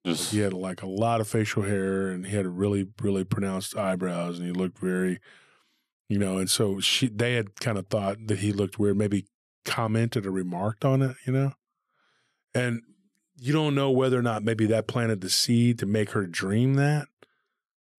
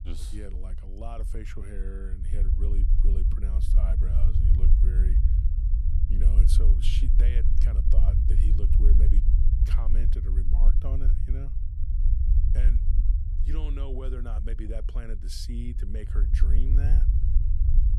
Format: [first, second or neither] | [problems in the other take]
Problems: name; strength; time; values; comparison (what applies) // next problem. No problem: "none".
first | low rumble; loud; throughout; 1 dB below the speech